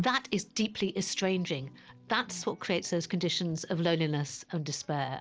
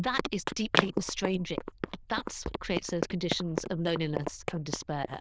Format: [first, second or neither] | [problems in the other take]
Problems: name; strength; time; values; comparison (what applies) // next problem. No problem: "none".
first | noise reduction (neural diffusion model UNIVERSE++)